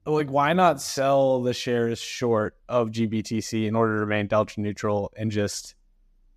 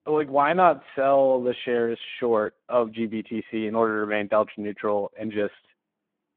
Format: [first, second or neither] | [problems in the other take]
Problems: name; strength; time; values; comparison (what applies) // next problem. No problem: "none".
first | phone-call audio